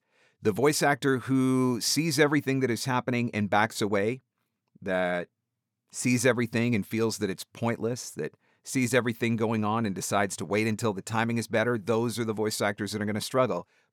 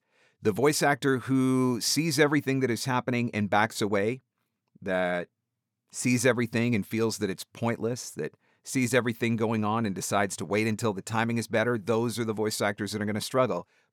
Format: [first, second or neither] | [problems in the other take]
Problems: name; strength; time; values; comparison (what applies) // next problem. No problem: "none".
neither | none